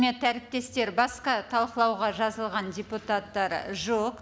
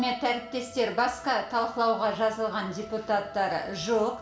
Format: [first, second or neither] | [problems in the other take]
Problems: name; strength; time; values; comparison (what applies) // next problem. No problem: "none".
first | background sound (Trumpet); 17 dB below the speech // room echo; dies away in 0.4 s